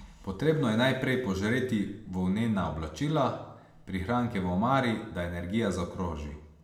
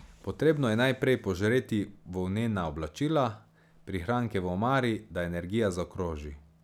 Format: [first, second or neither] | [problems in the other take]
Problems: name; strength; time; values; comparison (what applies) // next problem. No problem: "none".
second | room echo; dies away in 0.7 s